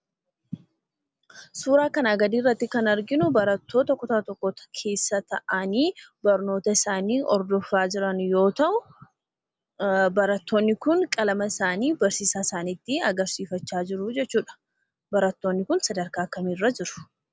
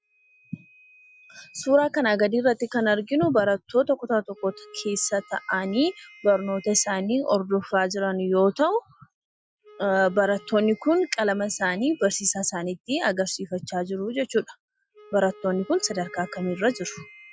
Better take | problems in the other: first | noise reduction (classical method Wiener filter)

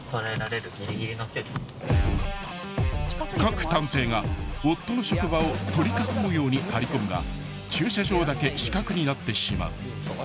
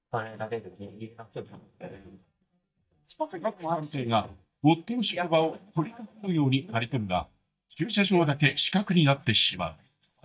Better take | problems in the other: first | noise reduction (neural mask model DeepFilterNet 3)

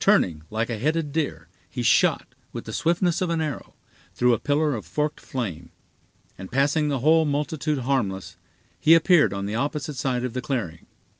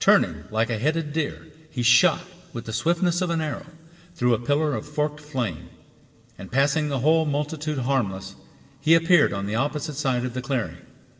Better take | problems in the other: first | room echo; dies away in 1.6 s

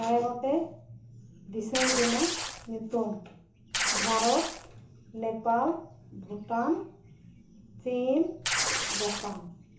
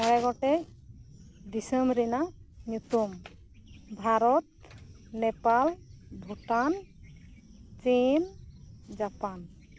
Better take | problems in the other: second | background sound (Tearing); 1 dB above the speech // room echo; dies away in 0.8 s

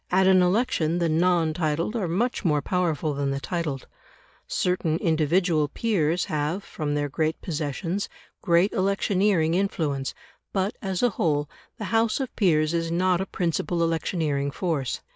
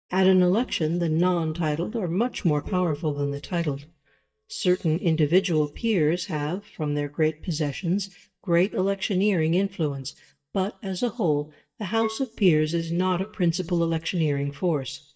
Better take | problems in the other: first | noise reduction (neural mask model DeepFilterNet 3)

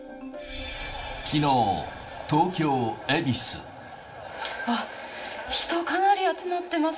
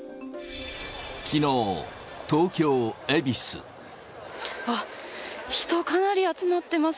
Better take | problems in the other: second | room echo; dies away in 0.8 s

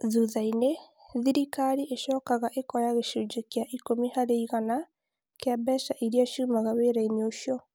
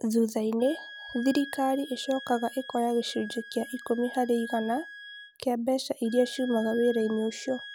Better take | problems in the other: first | background sound (Wind instrument, woodwind instrument); 16 dB below the speech

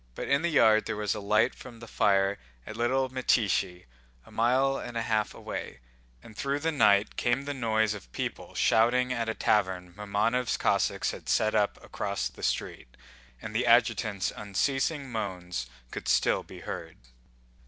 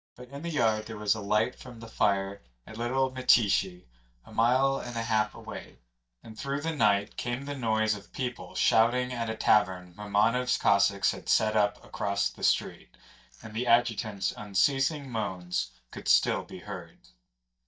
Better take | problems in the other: first | noise reduction (neural mask model DeepFilterNet 3)

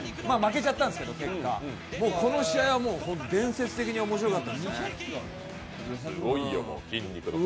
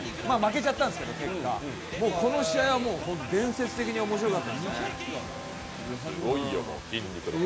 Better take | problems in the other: first | background sound (Domestic sounds, home sounds + Wind instrument, woodwind instrument); 13 dB below the speech

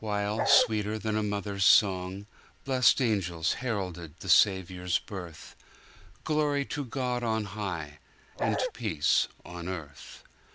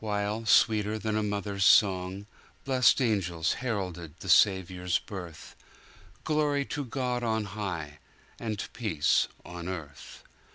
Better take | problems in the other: second | background sound (Bark); as loud as the speech

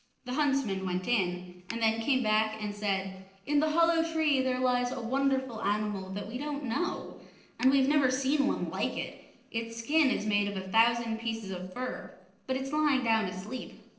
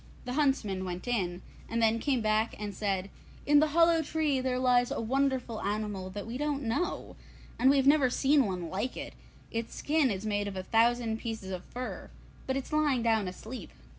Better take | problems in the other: second | noise reduction (neural separator model SepFormer DNS4)

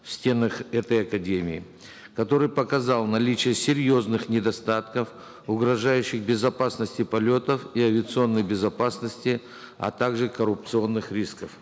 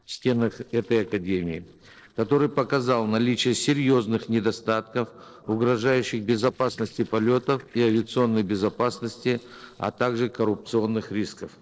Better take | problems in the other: first | noise reduction (neural separator model SepFormer DNS4)

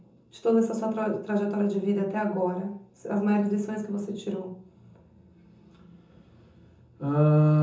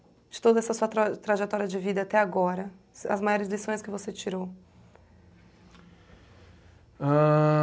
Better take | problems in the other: second | room echo; dies away in 0.6 s

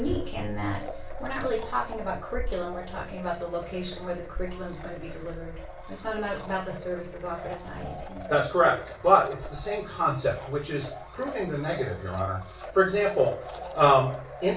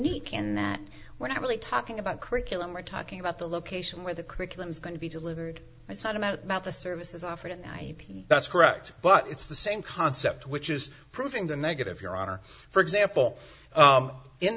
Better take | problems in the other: second | background sound (Domestic sounds, home sounds); 15 dB below the speech // room echo; dies away in 0.4 s

